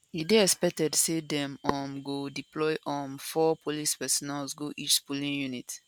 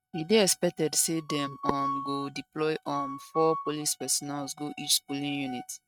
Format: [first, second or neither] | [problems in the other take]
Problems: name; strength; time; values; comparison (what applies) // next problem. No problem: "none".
first | noise reduction (neural mask model RNNoise)